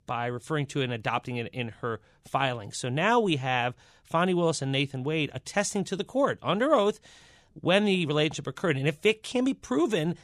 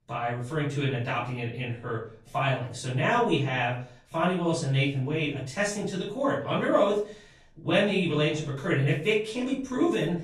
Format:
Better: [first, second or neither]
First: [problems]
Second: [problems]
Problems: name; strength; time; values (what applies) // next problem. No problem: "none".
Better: first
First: none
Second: off-mic speech; far // room echo; noticeable; dies away in 0.4 s